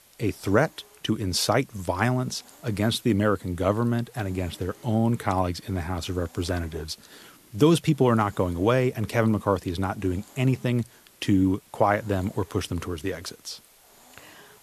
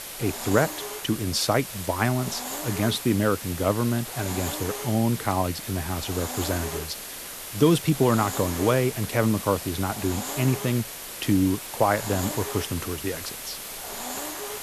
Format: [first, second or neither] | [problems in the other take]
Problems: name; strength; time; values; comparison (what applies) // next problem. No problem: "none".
first | hiss; loud; throughout; 7 dB below the speech; faint in the first